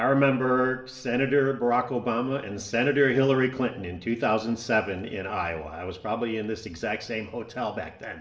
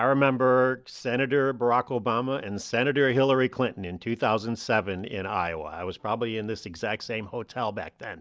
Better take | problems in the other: second | room echo; dies away in 0.9 s

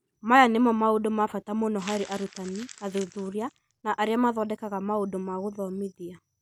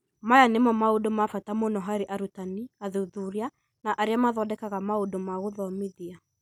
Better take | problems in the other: second | background sound (Crumpling, crinkling); 20 dB below the speech

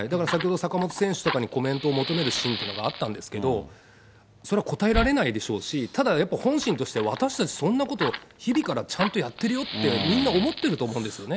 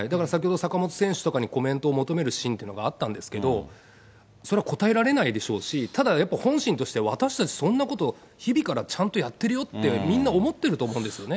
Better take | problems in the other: second | background sound (Fire); 10 dB below the speech

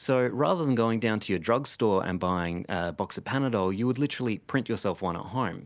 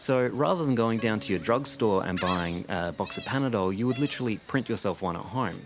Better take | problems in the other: first | background sound (Organ + Gull, seagull); 17 dB below the speech

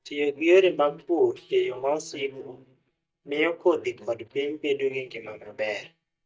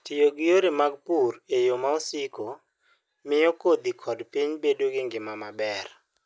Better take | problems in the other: second | noise reduction (neural mask model DeepFilterNet 3)

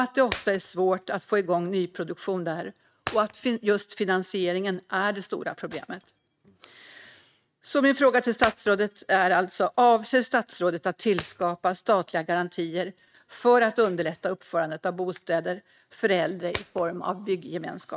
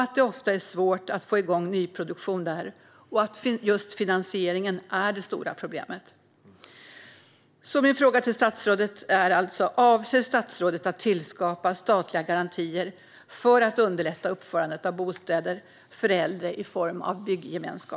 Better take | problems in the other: second | noise reduction (neural mask model RNNoise)

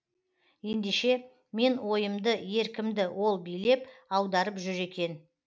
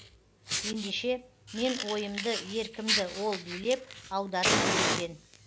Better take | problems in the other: first | background sound (Fire); 1 dB above the speech

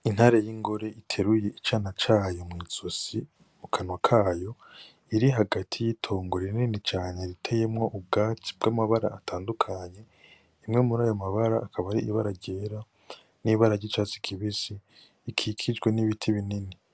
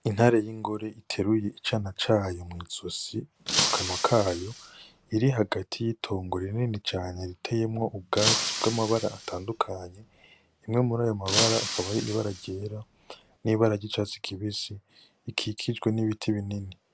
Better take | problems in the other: first | background sound (Shatter); 3 dB below the speech

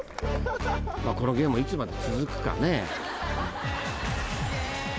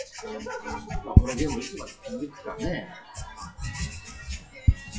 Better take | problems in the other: first | noise reduction (classical method WPE with log-MMSE)

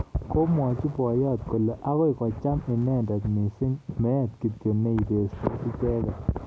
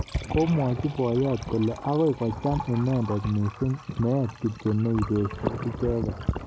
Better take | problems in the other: first | background sound (Liquid); 17 dB below the speech

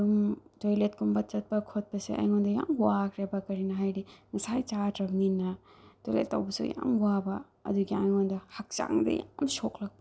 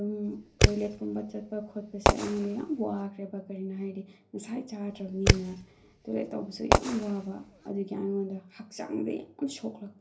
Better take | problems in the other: first | background sound (Fireworks); 5 dB above the speech // room echo; dies away in 0.3 s

